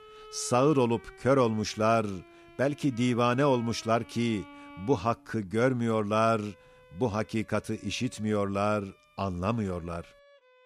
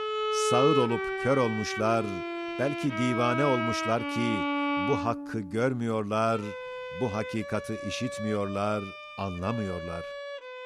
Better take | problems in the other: first | background music; loud; throughout; 3 dB below the speech; faint in the first

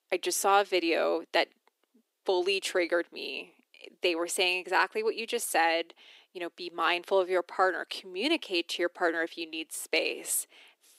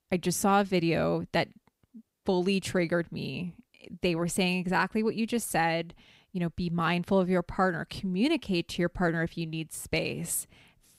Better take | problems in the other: second | thin; very; fading below 350 Hz

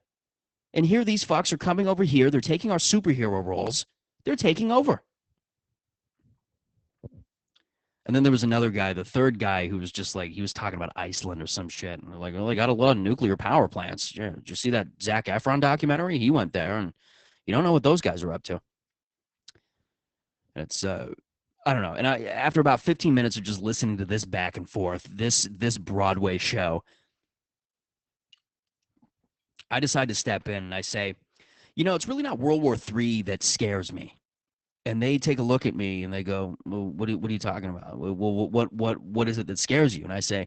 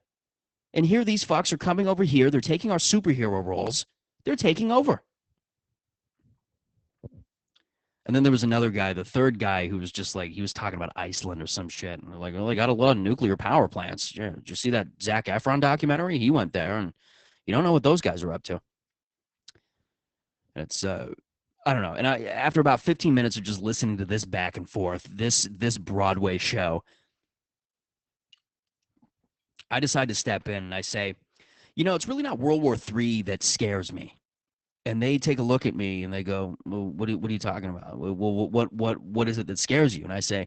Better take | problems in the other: neither | garbled, watery; badly; nothing above 8 kHz; the same in both

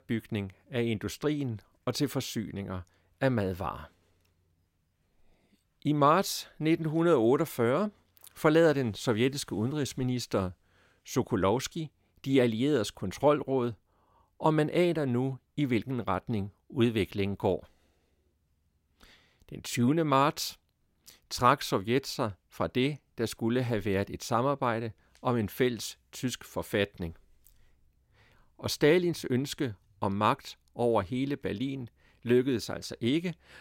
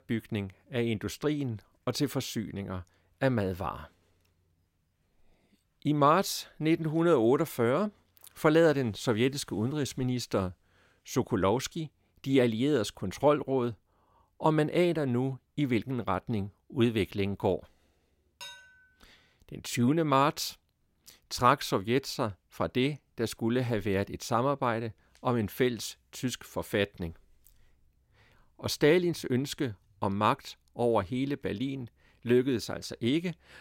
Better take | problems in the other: first | clattering dishes; faint; at 18 s; peak 15 dB below the speech

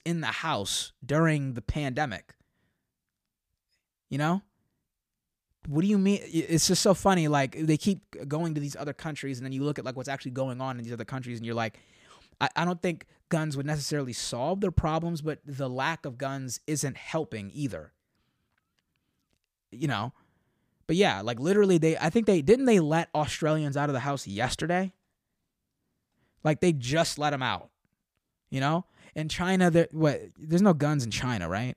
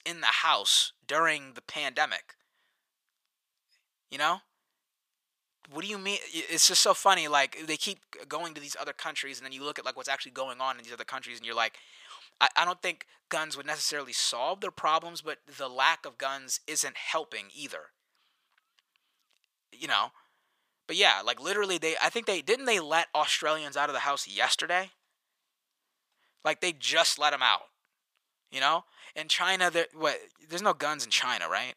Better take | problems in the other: first | thin; very; fading below 800 Hz

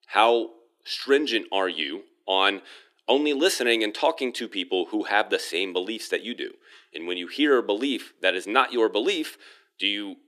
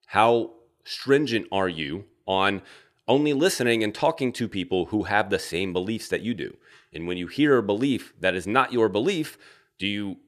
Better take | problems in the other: second | thin; very slightly; fading below 300 Hz

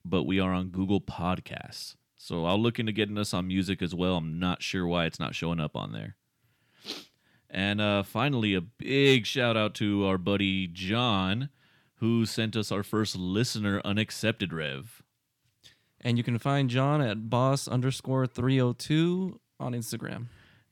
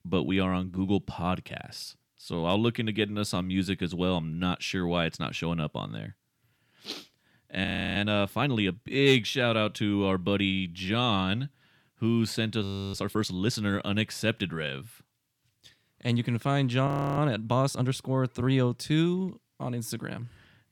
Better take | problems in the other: first | audio freezing; at 7.5 s, at 13 s and at 17 s

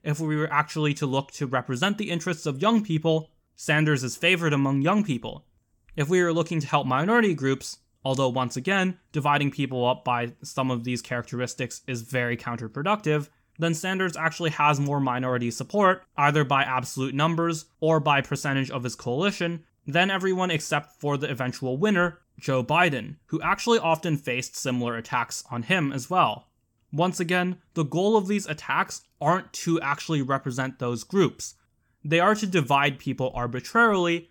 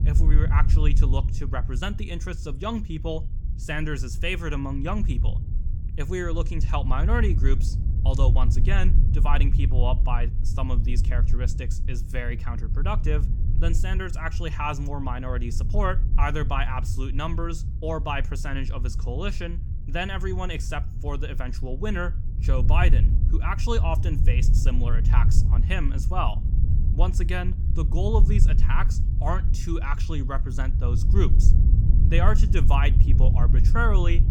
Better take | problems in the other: first | low rumble; noticeable; throughout; 10 dB below the speech

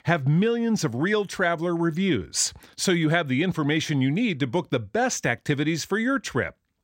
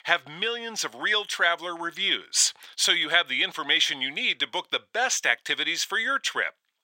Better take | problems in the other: first | thin; very; fading below 850 Hz

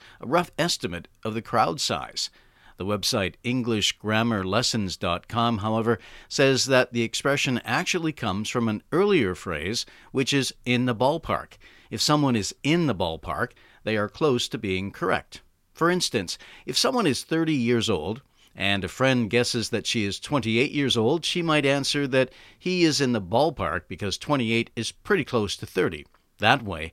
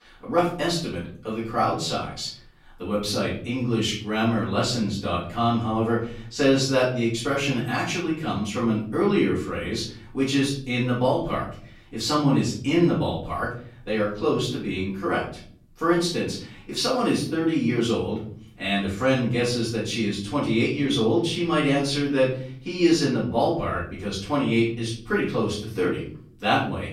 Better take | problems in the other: first | off-mic speech; far // room echo; noticeable; dies away in 0.6 s

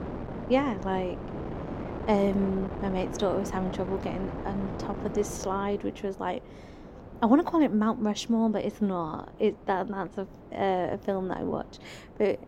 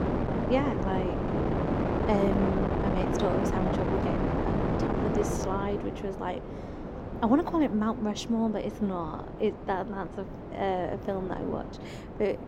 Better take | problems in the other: first | wind noise on the microphone; heavy; 1 dB below the speech; occasional gusts in the first

